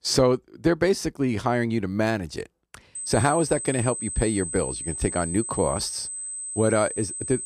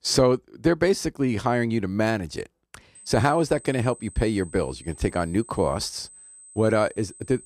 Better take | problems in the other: second | high-pitched whine; loud; from 3 s on; 8 kHz, 6 dB below the speech; faint in the second

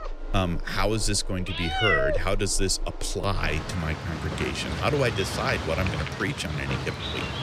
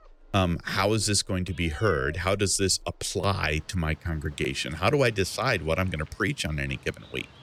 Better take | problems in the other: second | animal sounds; loud; throughout; 3 dB below the speech; faint in the second

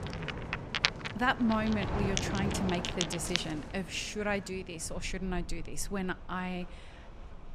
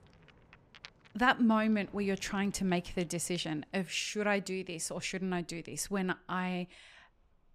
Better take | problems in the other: second | rain or running water; loud; throughout; 1 dB below the speech; faint in the second

